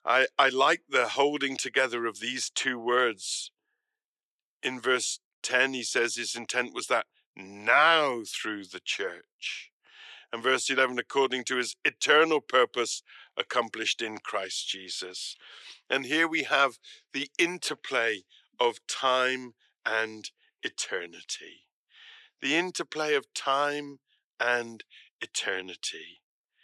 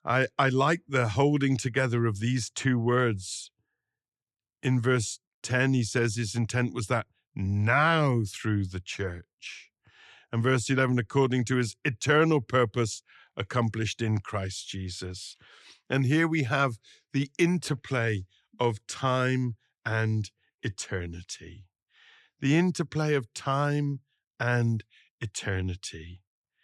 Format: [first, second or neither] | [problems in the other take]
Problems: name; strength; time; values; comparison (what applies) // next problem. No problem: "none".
second | thin; very; fading below 400 Hz